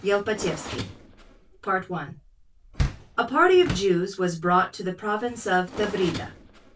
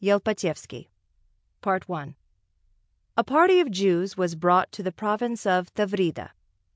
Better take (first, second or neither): second